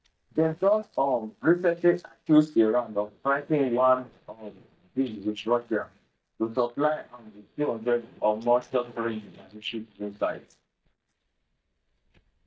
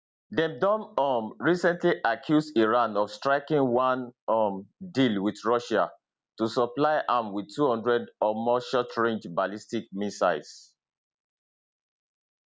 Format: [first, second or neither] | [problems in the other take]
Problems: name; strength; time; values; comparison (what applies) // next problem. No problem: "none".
second | noise reduction (neural mask model DeepFilterNet 3)